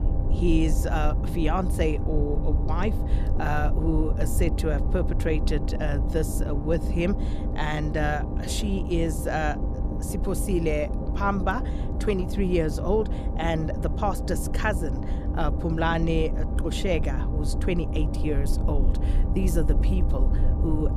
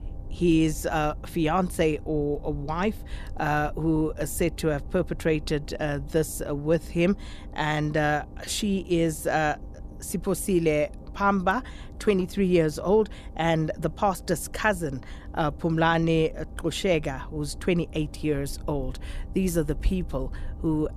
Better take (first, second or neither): second